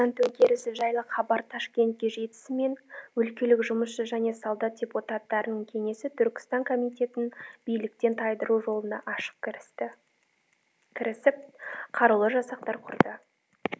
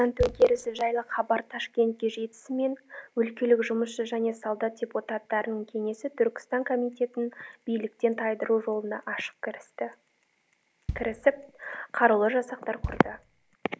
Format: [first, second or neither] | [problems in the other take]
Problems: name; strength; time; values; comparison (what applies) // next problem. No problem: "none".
first | background sound (Bass drum); 10 dB below the speech